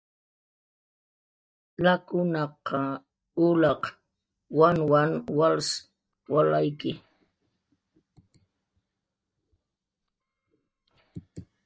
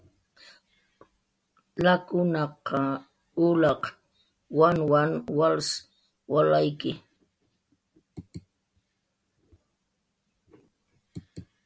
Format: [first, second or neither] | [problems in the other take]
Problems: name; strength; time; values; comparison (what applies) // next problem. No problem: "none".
second | noise reduction (neural mask model DeepFilterNet 3)